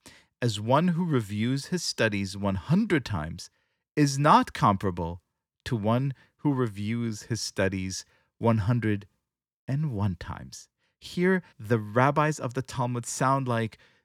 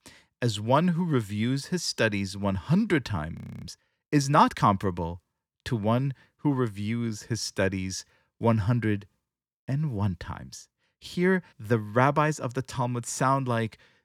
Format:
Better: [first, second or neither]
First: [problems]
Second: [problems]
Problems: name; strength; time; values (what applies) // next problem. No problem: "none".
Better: first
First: none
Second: audio freezing; at 3.5 s